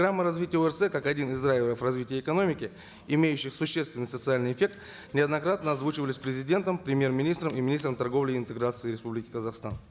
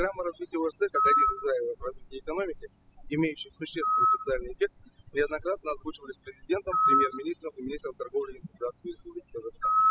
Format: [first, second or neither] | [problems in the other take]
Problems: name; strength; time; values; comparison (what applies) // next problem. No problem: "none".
first | noise reduction (classical method spectral subtraction)